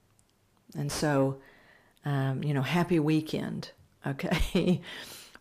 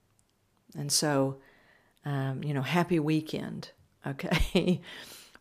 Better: second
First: distortion; slight; 10 dB below the speech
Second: none

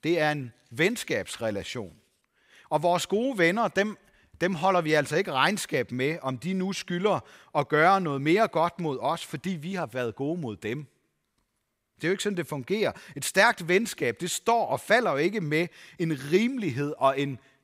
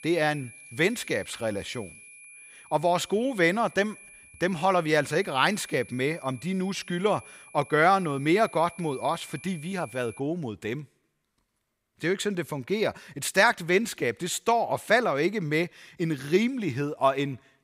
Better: first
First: none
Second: high-pitched whine; noticeable; until 10 s; 2.5 kHz, 20 dB below the speech

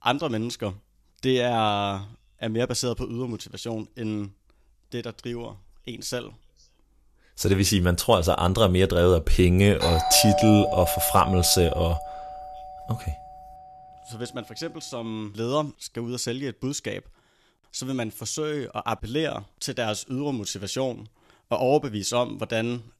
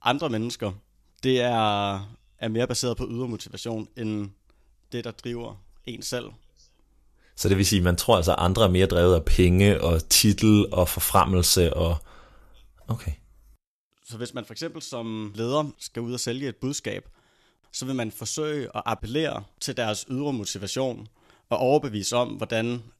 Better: second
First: doorbell; loud; from 10 to 13 s; peak 1 dB above the speech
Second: none

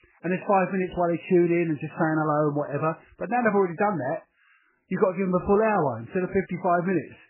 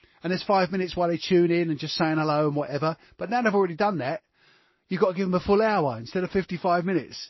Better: second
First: garbled, watery; badly; nothing above 2.5 kHz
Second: garbled, watery; slightly; nothing above 5.5 kHz

